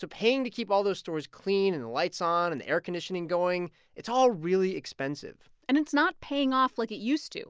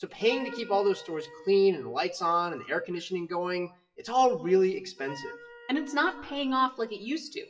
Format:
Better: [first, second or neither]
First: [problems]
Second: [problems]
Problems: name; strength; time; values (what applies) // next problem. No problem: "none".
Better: first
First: none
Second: noise reduction (classical method WPE with log-MMSE)